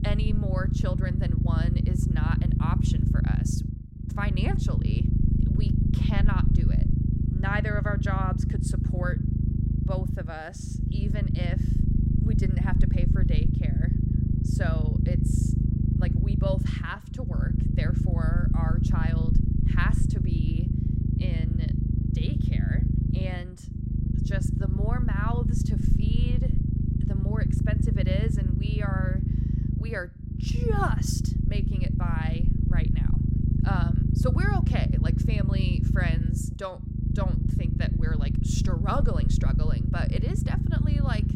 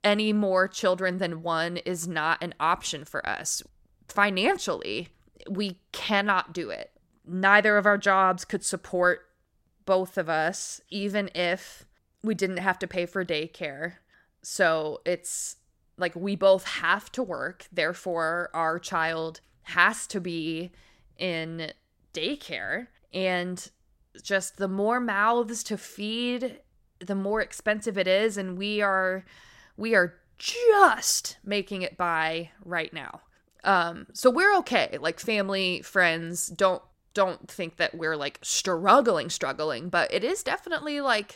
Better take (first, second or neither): second